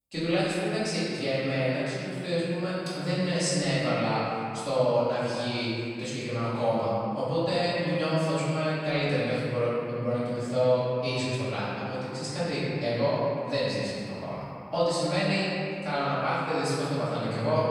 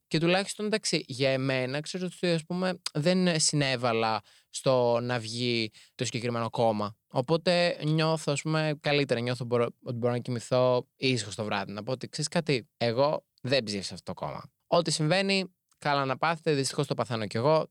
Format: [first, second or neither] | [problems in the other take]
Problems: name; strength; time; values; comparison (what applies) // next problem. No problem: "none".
second | off-mic speech; far // room echo; strong; dies away in 2.3 s